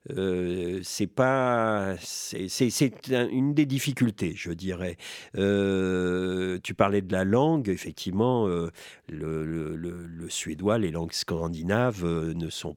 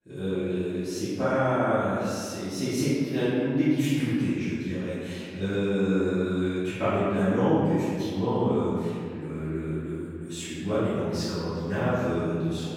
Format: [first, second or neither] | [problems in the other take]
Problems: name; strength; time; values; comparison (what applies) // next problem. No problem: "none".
first | off-mic speech; far // room echo; strong; dies away in 2.1 s